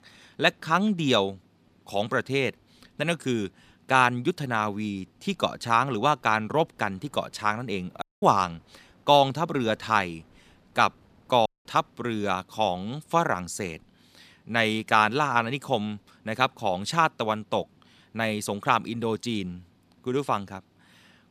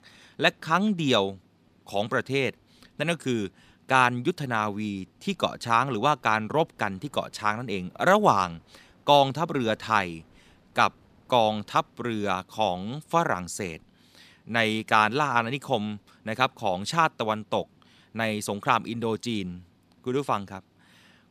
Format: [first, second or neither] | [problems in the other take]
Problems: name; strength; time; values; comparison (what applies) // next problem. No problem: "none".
second | audio cutting out; at 8 s and at 11 s